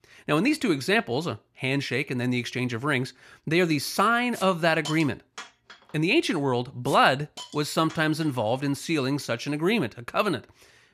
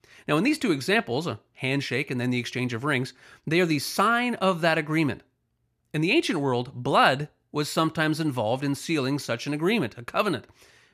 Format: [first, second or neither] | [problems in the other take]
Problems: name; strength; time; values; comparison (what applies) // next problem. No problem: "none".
second | hiss; noticeable; from 4 to 9 s; 15 dB below the speech